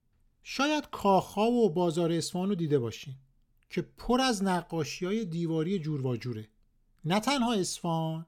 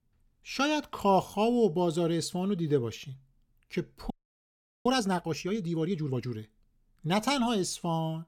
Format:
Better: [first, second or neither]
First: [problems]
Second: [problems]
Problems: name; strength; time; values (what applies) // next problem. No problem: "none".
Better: first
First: none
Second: audio freezing; at 4 s for 1 s